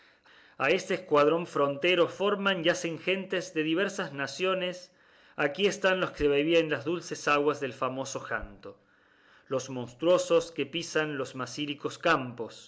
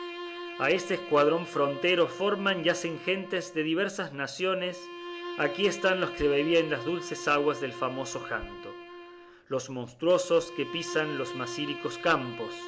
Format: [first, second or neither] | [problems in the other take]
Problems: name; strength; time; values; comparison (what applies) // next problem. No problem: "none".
first | background sound (Bowed string instrument); 12 dB below the speech